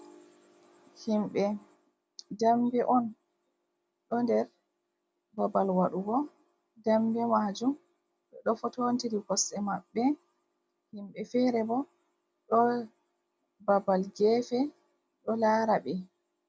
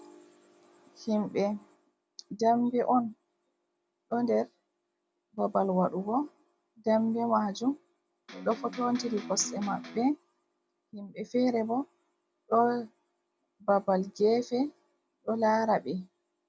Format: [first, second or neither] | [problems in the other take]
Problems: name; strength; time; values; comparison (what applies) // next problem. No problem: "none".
first | background sound (Electric guitar); 12 dB below the speech